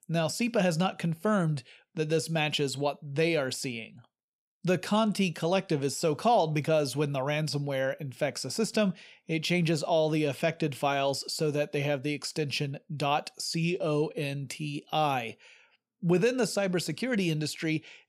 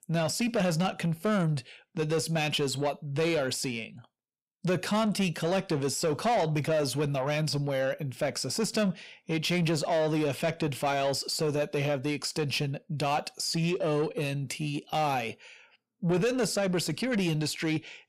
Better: first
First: none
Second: distortion; slight; 10 dB below the speech

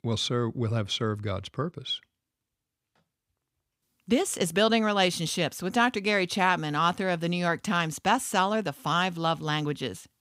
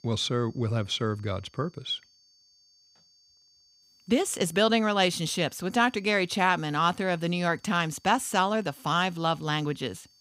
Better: first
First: none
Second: high-pitched whine; faint; throughout; 4.5 kHz, 30 dB below the speech

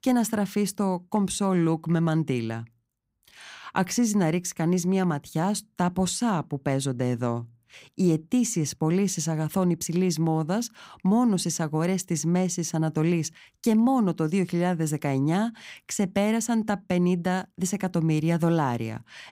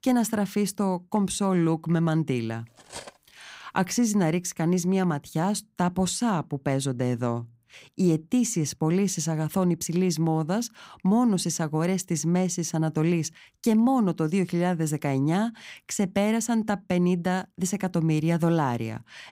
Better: first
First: none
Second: clattering dishes; faint; at 3 s; peak 15 dB below the speech

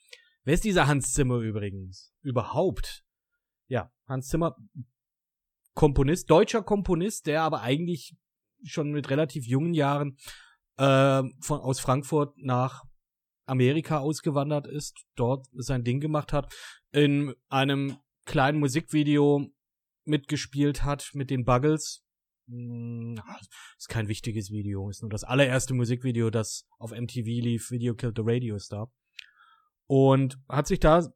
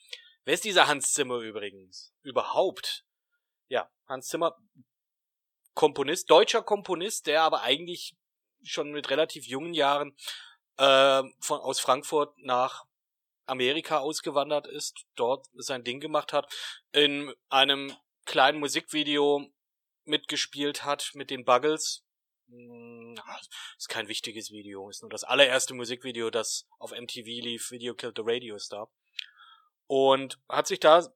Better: first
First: none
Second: thin; very; fading below 550 Hz

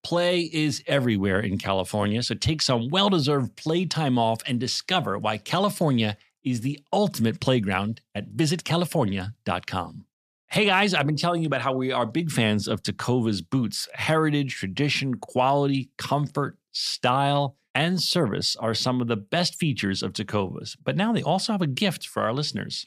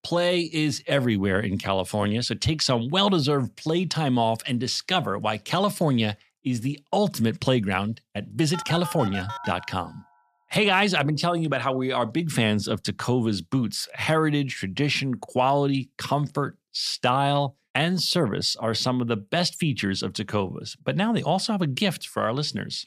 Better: first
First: none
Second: phone ringing; noticeable; from 8.5 to 10 s; peak 9 dB below the speech

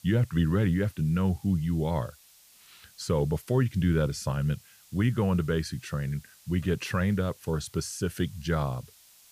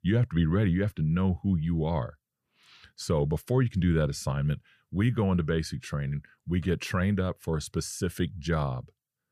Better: second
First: hiss; faint; throughout; 25 dB below the speech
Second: none

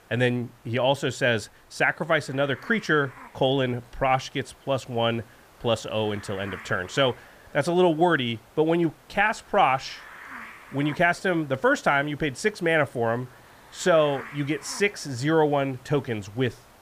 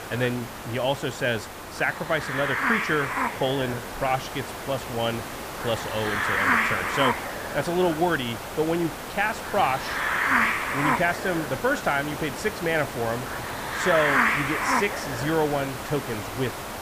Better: first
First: hiss; faint; throughout; 20 dB below the speech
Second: hiss; loud; throughout; as loud as the speech

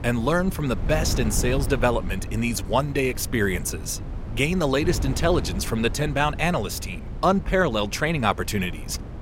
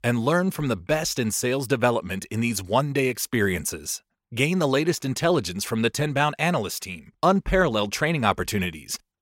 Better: second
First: wind noise on the microphone; occasional gusts; 15 dB below the speech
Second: none

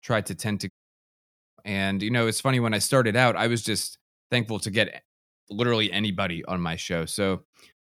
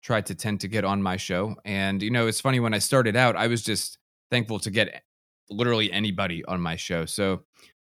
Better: second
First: audio cutting out; at 0.5 s for 1 s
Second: none

